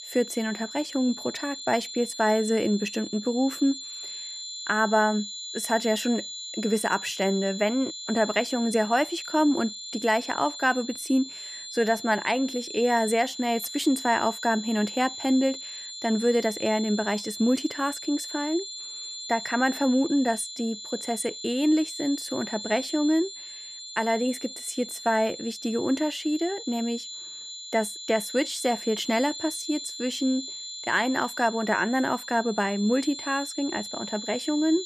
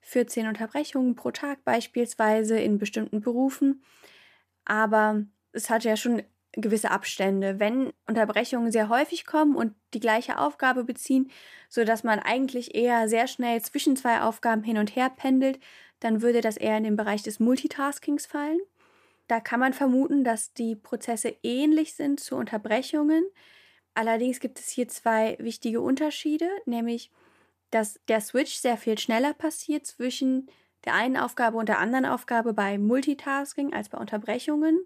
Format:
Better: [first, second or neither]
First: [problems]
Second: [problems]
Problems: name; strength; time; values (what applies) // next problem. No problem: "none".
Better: second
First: high-pitched whine; loud; throughout; 4 kHz, 9 dB below the speech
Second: none